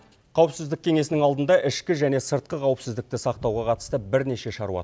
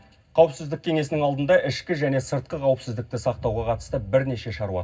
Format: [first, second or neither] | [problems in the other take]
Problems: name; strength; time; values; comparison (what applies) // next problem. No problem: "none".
first | room echo; dies away in 0.4 s